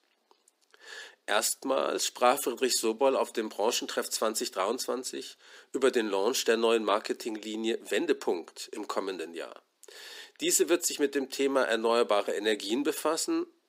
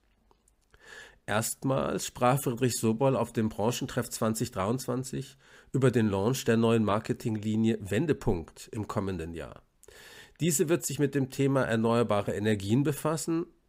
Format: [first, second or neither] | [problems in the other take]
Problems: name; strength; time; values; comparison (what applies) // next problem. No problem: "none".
second | thin; somewhat; fading below 300 Hz